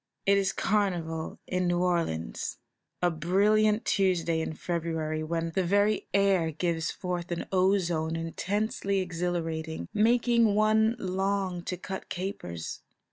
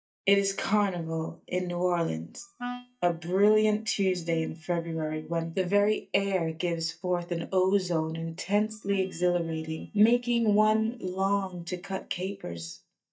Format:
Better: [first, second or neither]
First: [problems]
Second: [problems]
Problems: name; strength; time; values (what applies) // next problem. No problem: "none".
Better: first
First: none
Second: noise reduction (neural mask model DeepFilterNet 3)